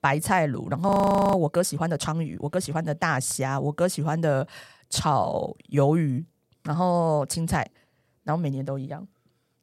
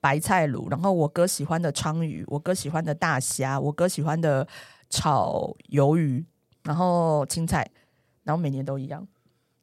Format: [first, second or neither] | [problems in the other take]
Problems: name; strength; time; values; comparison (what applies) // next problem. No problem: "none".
second | audio freezing; at 1 s